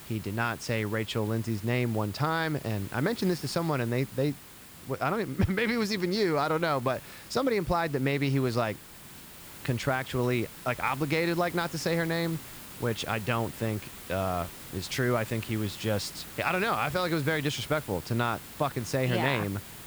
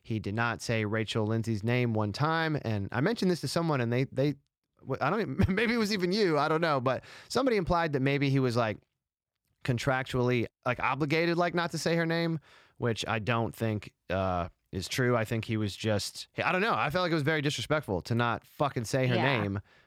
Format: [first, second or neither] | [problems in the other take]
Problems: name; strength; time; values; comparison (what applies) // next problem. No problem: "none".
second | hiss; noticeable; throughout; 15 dB below the speech